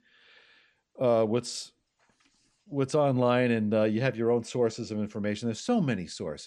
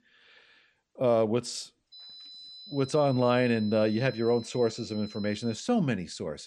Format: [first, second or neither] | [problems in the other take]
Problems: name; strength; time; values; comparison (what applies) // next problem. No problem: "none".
first | high-pitched whine; noticeable; from 2 to 5.5 s; 4 kHz, 15 dB below the speech